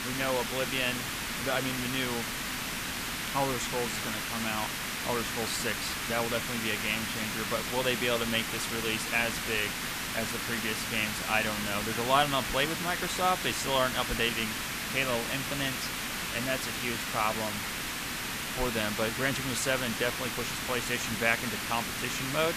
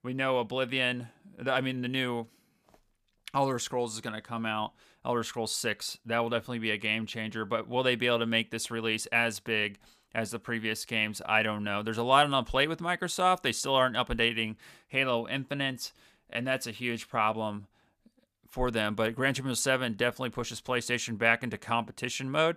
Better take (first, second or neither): second